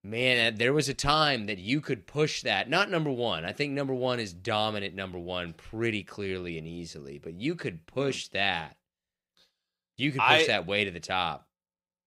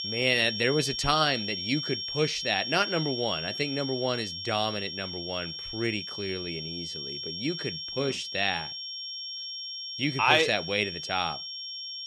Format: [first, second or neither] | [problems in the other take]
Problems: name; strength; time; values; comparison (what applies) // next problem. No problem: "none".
first | high-pitched whine; loud; throughout; 5.5 kHz, 5 dB below the speech